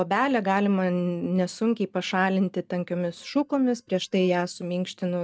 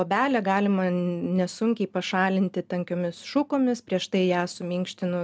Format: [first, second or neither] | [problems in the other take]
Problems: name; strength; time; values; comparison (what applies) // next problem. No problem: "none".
second | noise reduction (neural mask model DeepFilterNet 3)